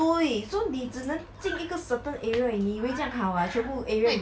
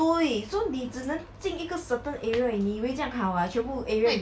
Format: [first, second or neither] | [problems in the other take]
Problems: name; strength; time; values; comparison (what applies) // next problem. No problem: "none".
second | background sound (Bird vocalization, bird call, bird song); 18 dB below the speech